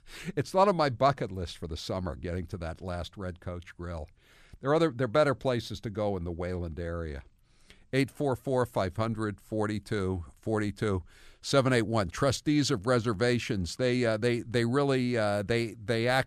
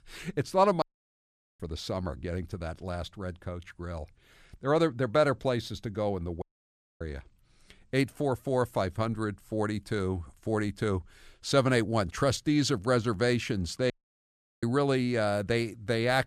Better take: first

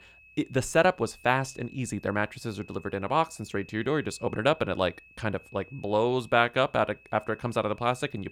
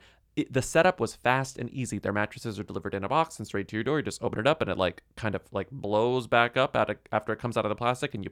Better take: second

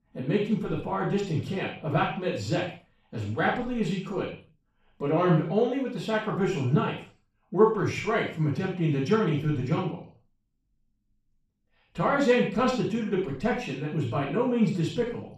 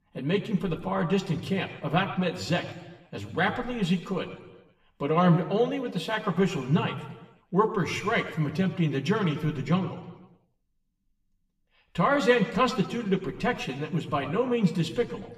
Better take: second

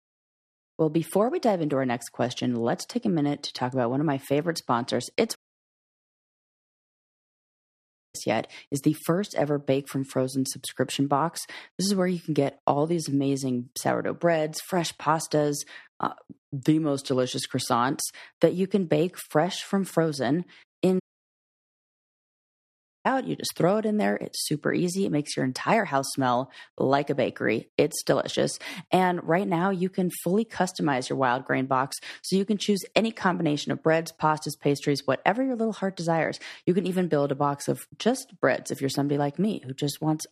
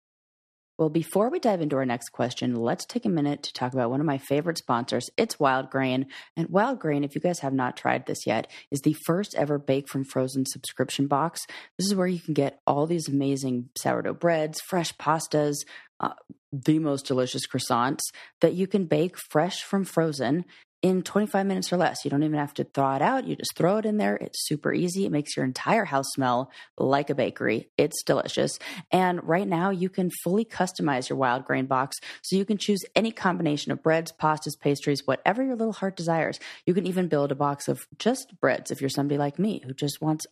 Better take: second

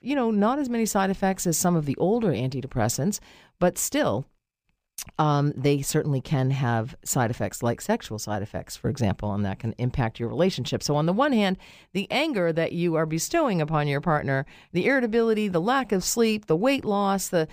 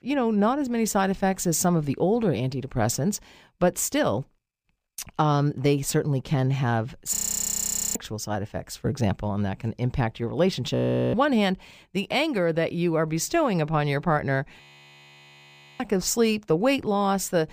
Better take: first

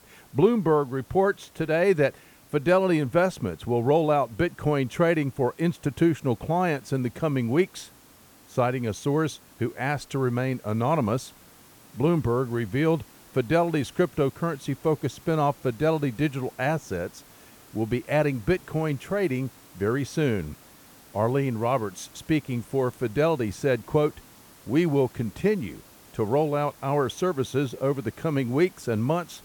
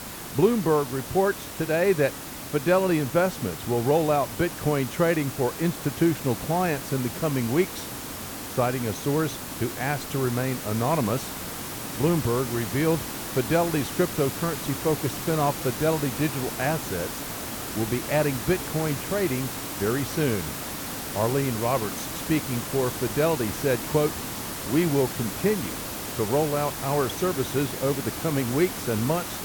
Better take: first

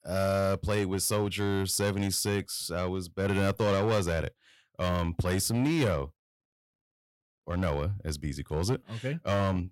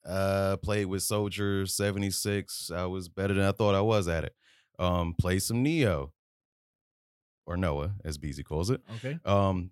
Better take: second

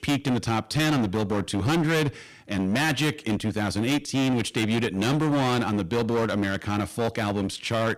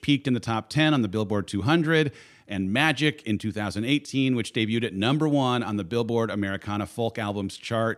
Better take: second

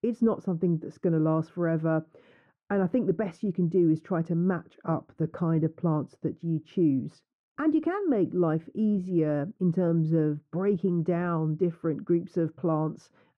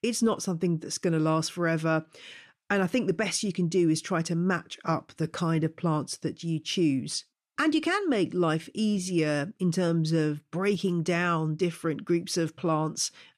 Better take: second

